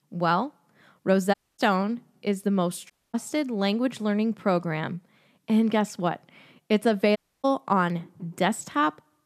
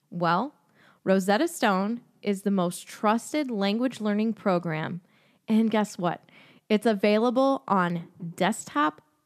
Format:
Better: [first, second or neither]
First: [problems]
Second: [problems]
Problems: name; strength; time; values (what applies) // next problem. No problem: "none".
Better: second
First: audio cutting out; at 1.5 s, at 3 s and at 7 s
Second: none